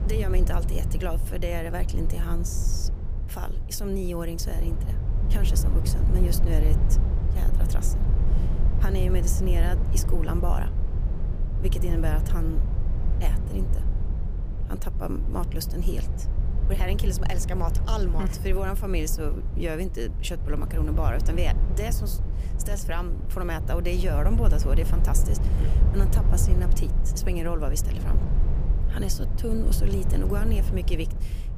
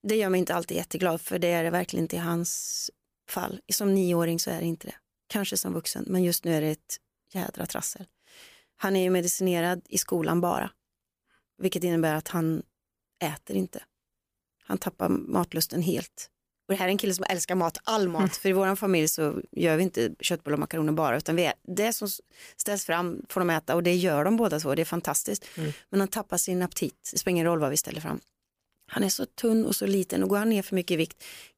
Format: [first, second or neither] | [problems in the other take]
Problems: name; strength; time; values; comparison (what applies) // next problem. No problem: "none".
second | low rumble; loud; throughout; 7 dB below the speech